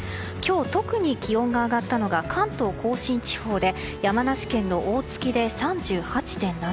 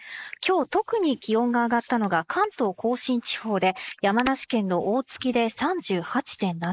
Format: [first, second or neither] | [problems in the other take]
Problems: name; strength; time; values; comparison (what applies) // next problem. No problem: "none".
first | noise reduction (neural mask model Resemble Enhance denoiser)